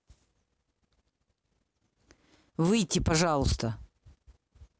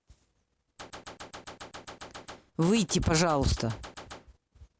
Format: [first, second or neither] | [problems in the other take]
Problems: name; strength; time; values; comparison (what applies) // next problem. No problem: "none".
first | background sound (Gunshot, gunfire); 14 dB below the speech